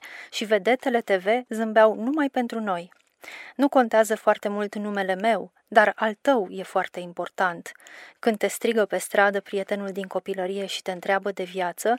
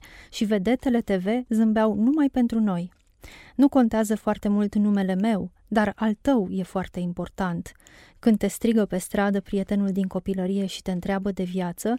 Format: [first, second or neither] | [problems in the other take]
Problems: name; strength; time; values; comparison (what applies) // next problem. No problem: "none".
second | thin; somewhat; fading below 450 Hz